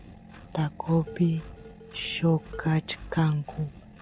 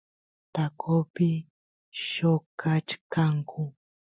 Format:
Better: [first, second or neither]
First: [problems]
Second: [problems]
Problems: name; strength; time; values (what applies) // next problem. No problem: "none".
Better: second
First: background sound (Dishes, pots, and pans + Engine); 16 dB below the speech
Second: none